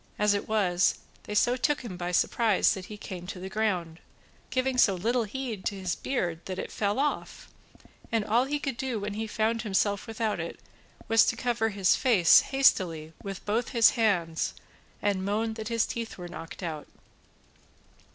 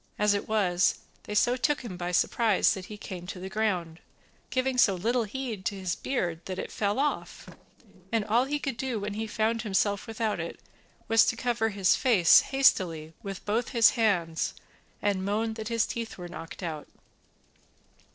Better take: first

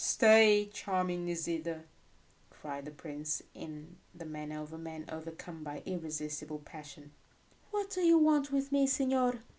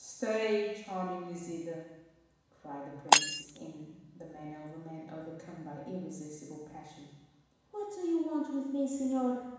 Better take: first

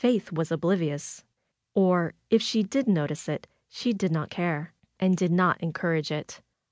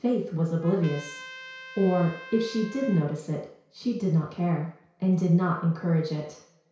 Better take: first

